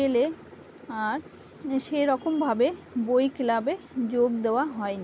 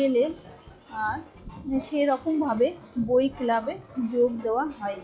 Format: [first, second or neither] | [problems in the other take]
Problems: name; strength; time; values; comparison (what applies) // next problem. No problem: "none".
first | noise reduction (classical method log-MMSE)